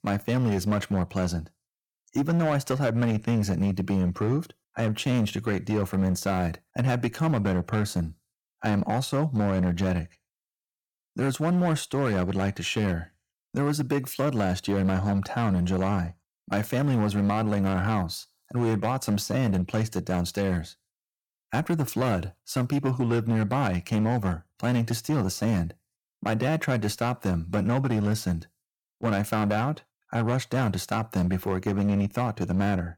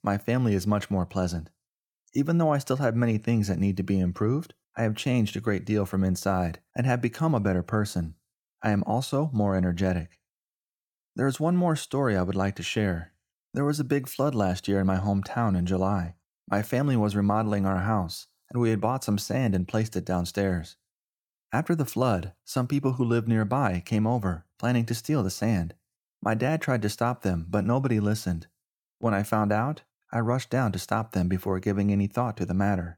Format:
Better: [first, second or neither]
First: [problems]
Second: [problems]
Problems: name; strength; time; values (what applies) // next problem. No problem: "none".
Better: second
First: distortion; slight; 9% of the sound clipped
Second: none